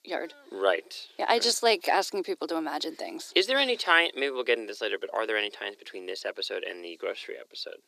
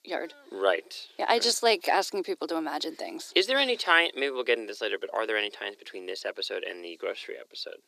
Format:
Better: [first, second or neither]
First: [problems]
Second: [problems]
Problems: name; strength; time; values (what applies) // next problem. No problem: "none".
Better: neither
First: thin; somewhat; fading below 300 Hz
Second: thin; somewhat; fading below 300 Hz